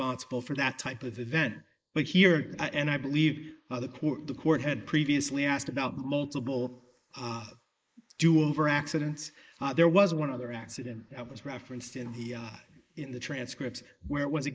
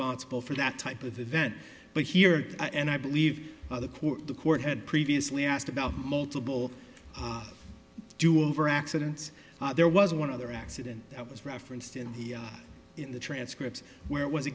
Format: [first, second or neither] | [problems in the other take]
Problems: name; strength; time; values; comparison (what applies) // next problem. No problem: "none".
second | noise reduction (neural mask model Resemble Enhance denoiser)